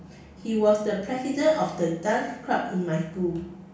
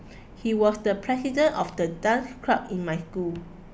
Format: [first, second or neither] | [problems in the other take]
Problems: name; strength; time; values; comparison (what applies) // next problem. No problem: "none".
second | room echo; dies away in 0.6 s